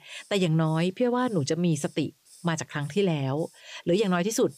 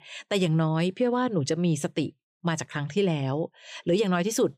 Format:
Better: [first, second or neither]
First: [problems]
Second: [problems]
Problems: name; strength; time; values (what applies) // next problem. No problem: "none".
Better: second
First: hiss; faint; throughout; 30 dB below the speech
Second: none